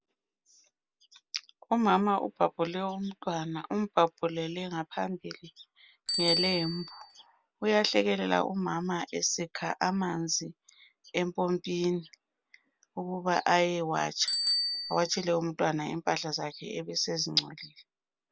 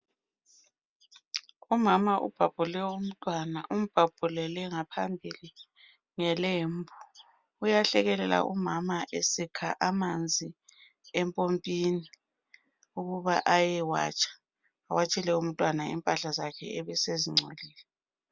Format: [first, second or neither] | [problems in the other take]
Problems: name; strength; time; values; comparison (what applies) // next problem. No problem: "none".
second | background sound (Bicycle bell); 10 dB below the speech